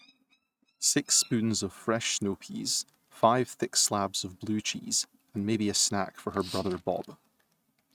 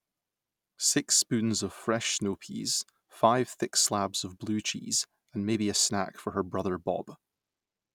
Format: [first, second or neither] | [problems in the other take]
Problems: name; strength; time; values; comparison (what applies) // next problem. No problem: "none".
second | noise reduction (neural mask model RNNoise)